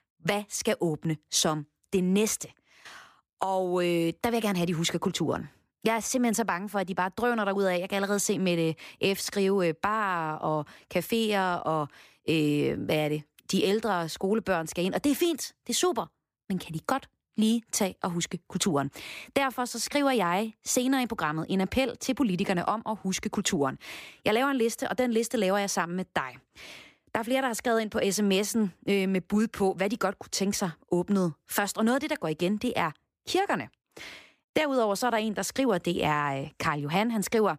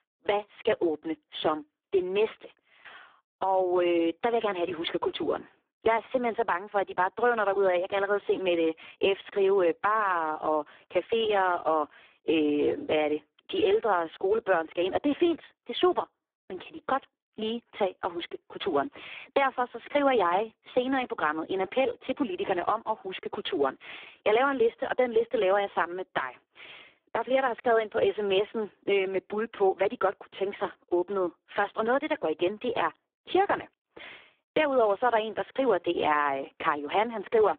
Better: first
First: none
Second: phone-call audio; poor line

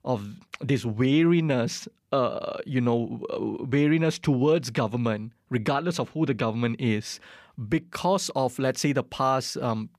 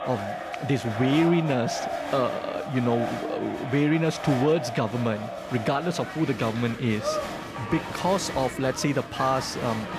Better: first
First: none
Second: crowd noise; loud; throughout; 7 dB below the speech

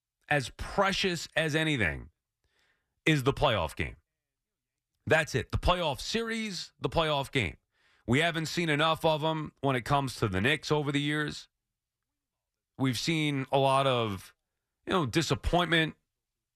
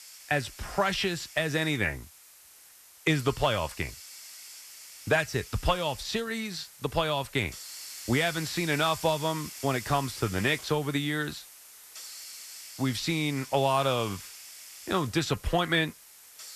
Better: first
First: none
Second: hiss; noticeable; throughout; 15 dB below the speech

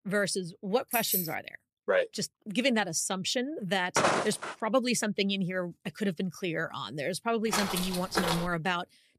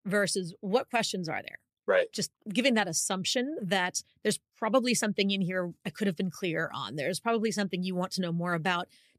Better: second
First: jangling keys; loud; at 1 s; peak 2 dB above the speech // footsteps; loud; at 4 s and at 7.5 s; peak 4 dB above the speech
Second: none

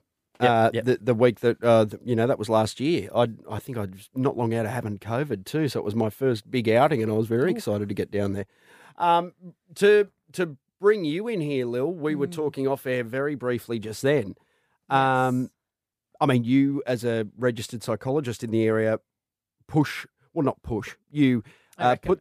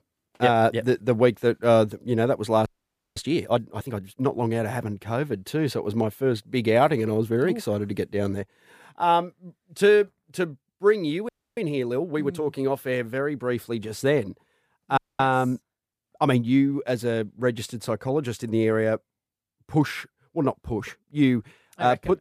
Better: first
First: none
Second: audio freezing; at 2.5 s for 0.5 s, at 11 s and at 15 s

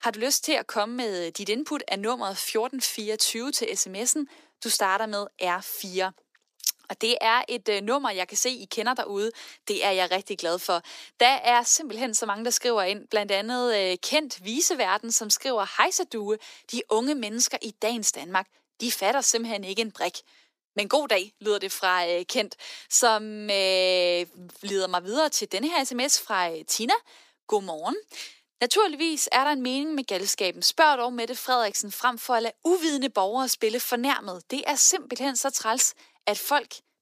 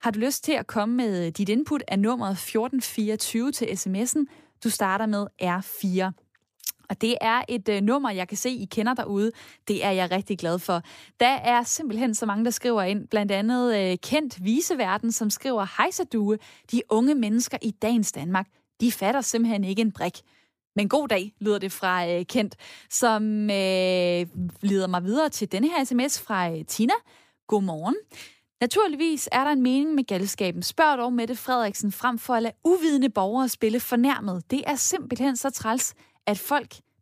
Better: second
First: thin; somewhat; fading below 350 Hz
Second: none

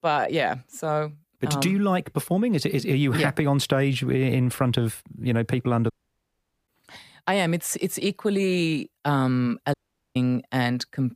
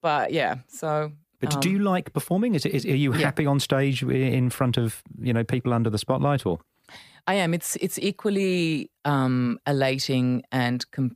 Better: second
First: audio cutting out; at 6 s for 1 s and at 9.5 s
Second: none

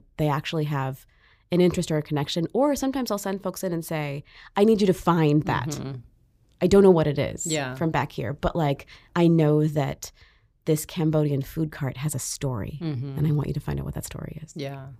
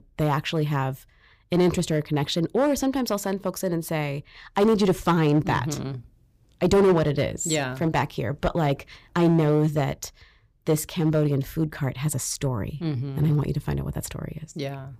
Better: first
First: none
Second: distortion; slight; 4% of the sound clipped

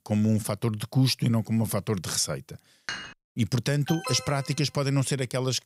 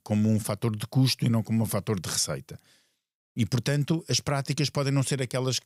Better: second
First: clattering dishes; noticeable; at 3 s; peak 9 dB below the speech // alarm; noticeable; at 4 s; peak 8 dB below the speech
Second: none

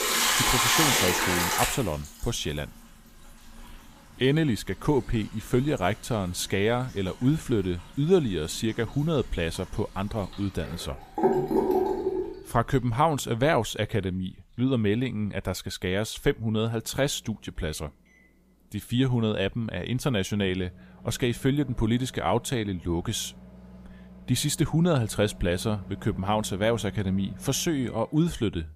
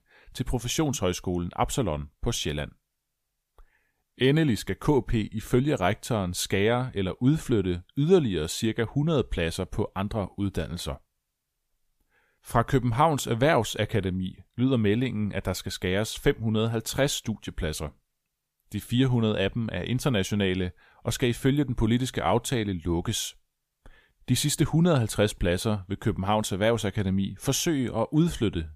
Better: second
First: household noises; very loud; throughout; 2 dB above the speech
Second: none

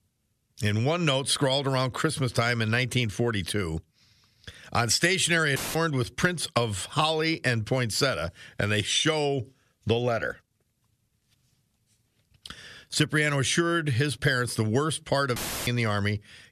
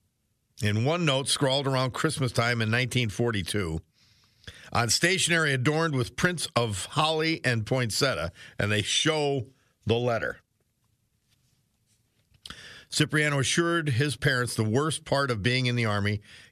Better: second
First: audio cutting out; filled with static; at 5.5 s and at 15 s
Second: none

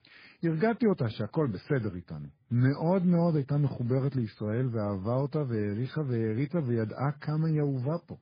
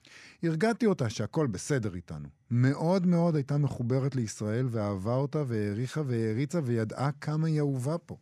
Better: second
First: garbled, watery; badly; nothing above 11.5 kHz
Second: none

